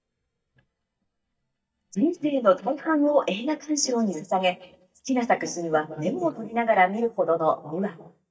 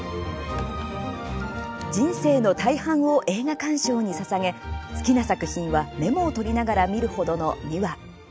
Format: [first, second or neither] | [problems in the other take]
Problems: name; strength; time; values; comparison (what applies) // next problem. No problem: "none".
second | noise reduction (neural mask model DeepFilterNet 3)